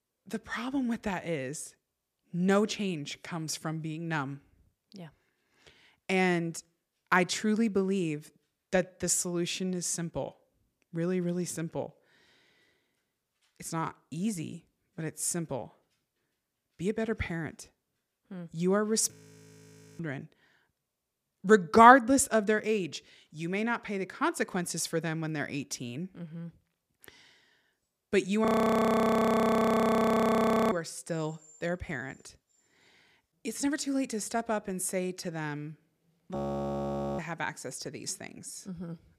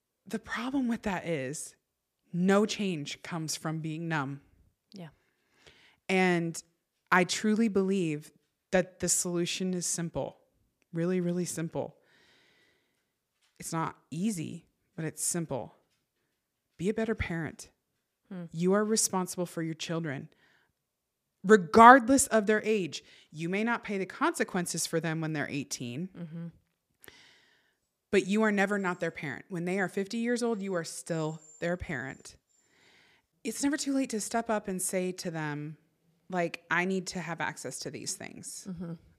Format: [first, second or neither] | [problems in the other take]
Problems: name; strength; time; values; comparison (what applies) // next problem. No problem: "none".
second | audio freezing; at 19 s for 1 s, at 28 s for 2.5 s and at 36 s for 1 s